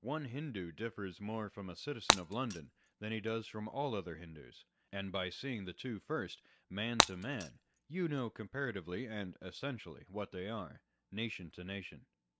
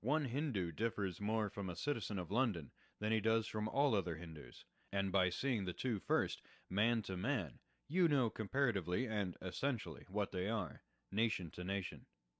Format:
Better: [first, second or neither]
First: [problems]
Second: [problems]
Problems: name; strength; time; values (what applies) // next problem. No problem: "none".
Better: second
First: background sound (Shatter); 4 dB above the speech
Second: none